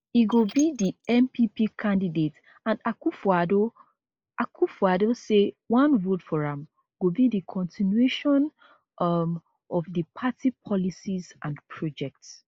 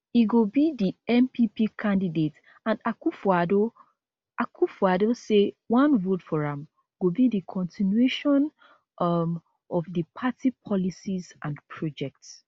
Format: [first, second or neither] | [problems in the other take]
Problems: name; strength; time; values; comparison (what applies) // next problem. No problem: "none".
second | noise reduction (neural mask model Resemble Enhance denoiser)